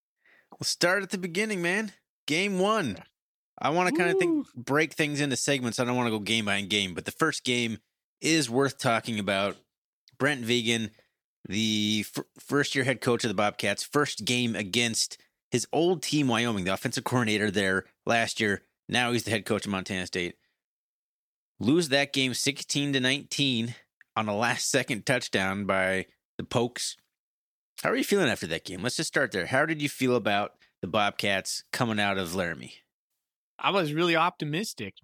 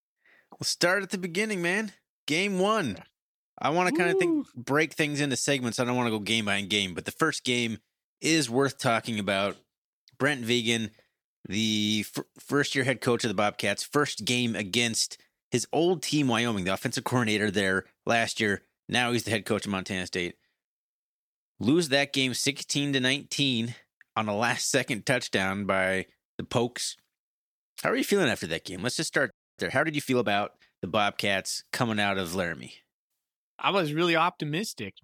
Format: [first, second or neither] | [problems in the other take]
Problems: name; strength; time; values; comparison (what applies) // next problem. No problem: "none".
first | audio freezing; at 29 s